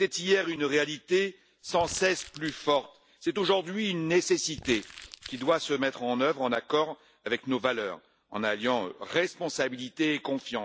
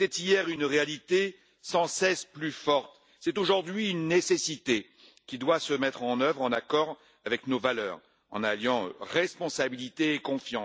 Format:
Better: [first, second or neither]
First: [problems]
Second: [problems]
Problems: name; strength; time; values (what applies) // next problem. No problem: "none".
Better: second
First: background sound (Crumpling, crinkling); 17 dB below the speech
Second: none